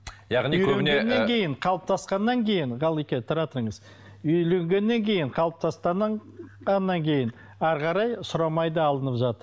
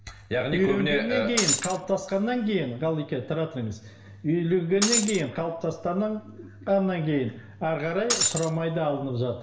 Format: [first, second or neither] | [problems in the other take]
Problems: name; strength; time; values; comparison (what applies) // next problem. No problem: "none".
first | background sound (Shatter); 1 dB above the speech // room echo; dies away in 0.9 s